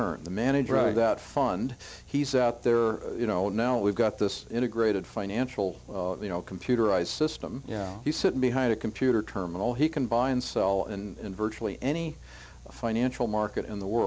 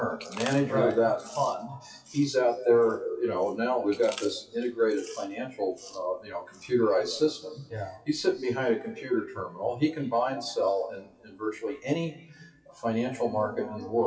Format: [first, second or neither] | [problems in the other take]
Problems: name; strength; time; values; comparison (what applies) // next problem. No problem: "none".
first | noise reduction (classical method WPE with log-MMSE)